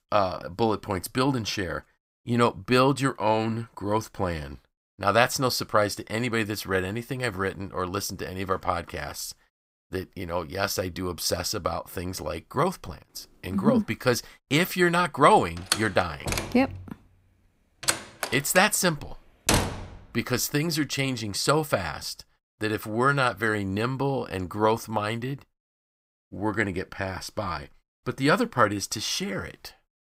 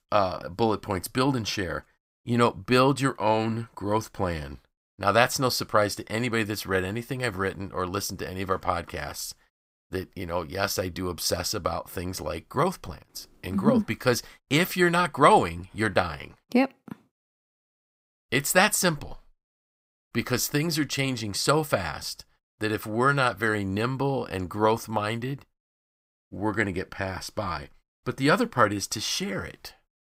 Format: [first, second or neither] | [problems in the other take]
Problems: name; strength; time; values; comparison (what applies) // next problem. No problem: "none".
second | door banging; loud; from 16 to 20 s; peak 2 dB above the speech